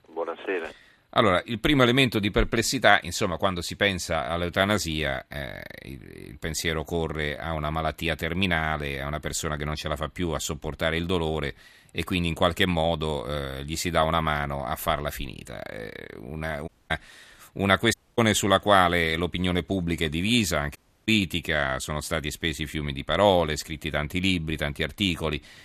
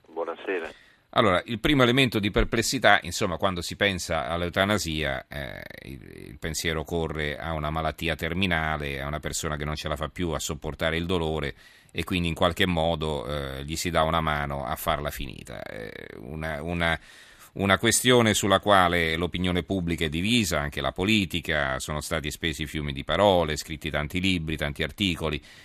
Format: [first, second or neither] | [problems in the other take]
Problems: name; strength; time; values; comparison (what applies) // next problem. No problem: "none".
second | audio cutting out; at 17 s, at 18 s and at 21 s